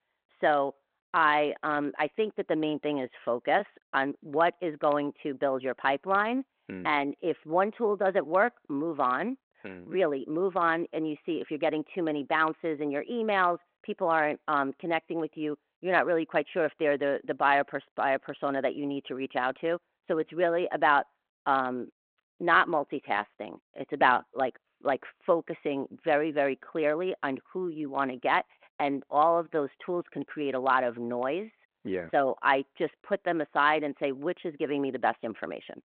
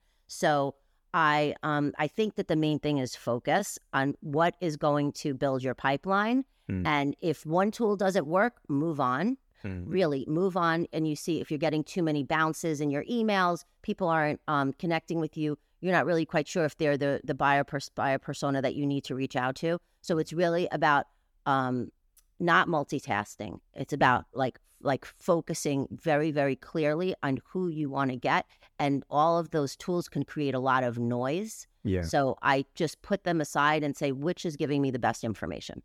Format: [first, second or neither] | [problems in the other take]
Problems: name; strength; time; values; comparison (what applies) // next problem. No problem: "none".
second | phone-call audio